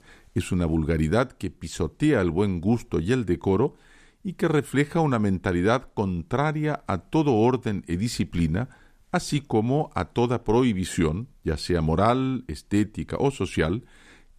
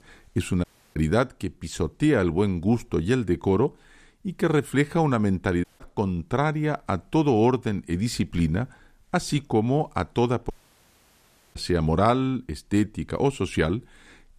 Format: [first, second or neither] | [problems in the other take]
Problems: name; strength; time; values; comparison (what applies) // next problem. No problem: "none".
first | audio cutting out; at 0.5 s, at 5.5 s and at 11 s for 1 s